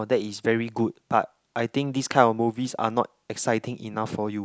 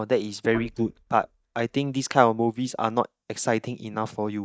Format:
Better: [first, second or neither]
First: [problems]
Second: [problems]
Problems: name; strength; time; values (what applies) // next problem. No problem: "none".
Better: first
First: none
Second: noise reduction (neural mask model DeepFilterNet 3)